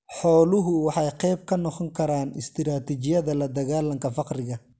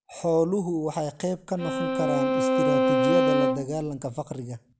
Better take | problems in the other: first | background sound (Bowed string instrument); 4 dB above the speech

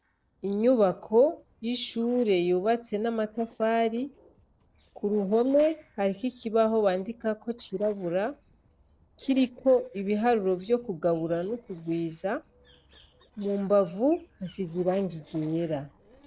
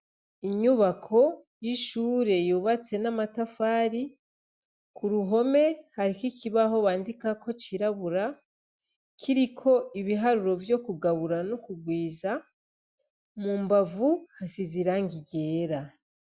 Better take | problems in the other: second | noise reduction (neural separator model SepFormer DNS4)

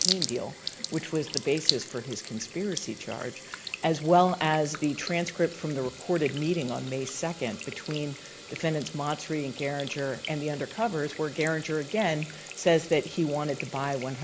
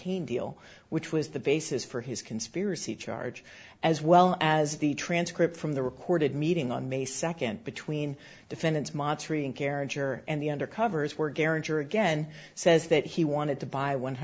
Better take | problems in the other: second | background sound (Sink (filling or washing) / Water tap, faucet); 9 dB below the speech

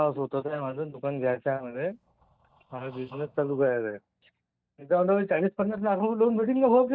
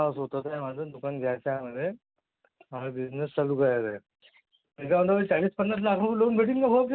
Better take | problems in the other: second | noise reduction (neural mask model DeepFilterNet 3)

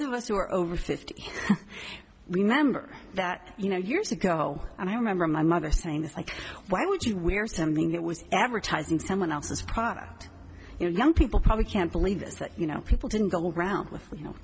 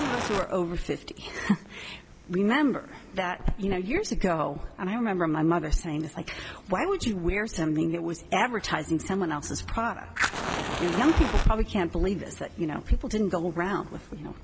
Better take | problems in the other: first | background sound (Fire); 10 dB below the speech

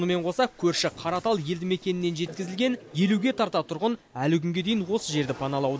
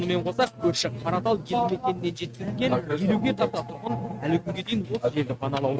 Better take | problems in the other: first | noise reduction (neural mask model RNNoise)

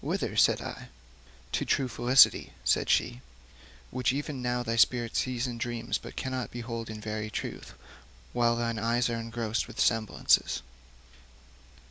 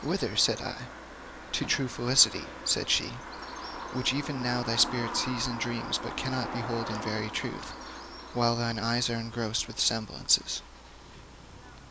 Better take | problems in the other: first | background sound (Bird vocalization, bird call, bird song); 9 dB below the speech

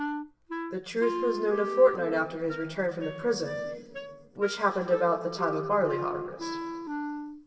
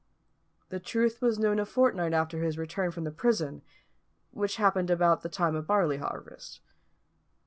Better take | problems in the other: second | background sound (Wind instrument, woodwind instrument); 6 dB below the speech // room echo; dies away in 2 s

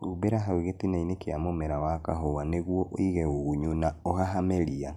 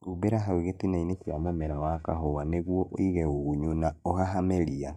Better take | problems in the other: first | noise reduction (neural mask model DeepFilterNet 3)

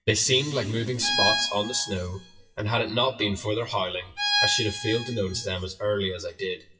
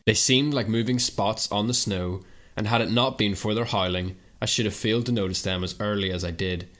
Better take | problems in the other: second | noise reduction (classical method WPE with log-MMSE)

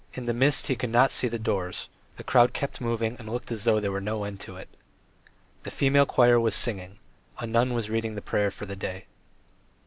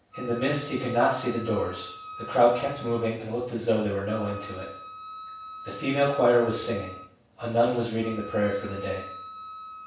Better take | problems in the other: first | background sound (Wind instrument, woodwind instrument); 15 dB below the speech // room echo; dies away in 0.7 s

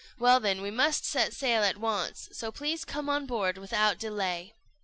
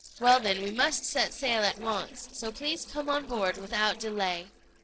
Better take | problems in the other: first | noise reduction (neural separator model SepFormer DNS4)

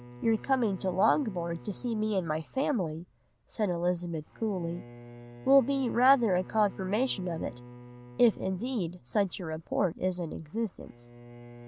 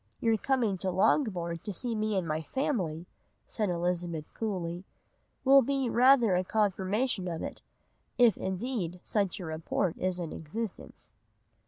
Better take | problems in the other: second | background sound (Bowed string instrument); 19 dB below the speech

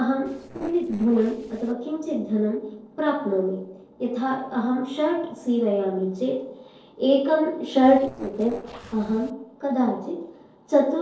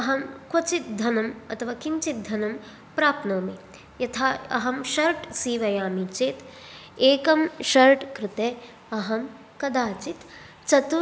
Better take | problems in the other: second | noise reduction (neural separator model SepFormer DNS4)

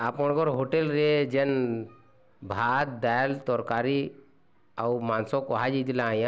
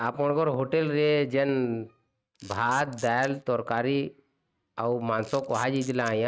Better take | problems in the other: first | noise reduction (neural mask model RNNoise)

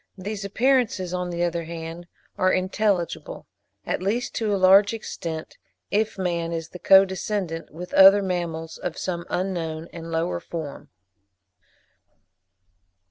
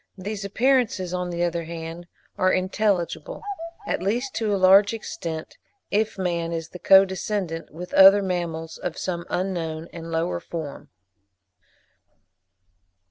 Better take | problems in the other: first | background sound (Bird vocalization, bird call, bird song); 14 dB below the speech

